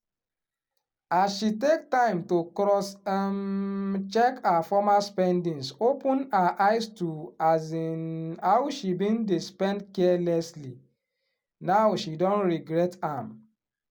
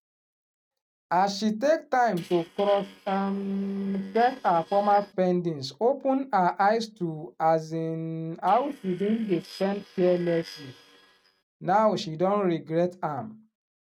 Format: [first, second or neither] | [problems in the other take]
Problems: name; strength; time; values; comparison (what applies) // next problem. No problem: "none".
first | noise reduction (neural mask model RNNoise)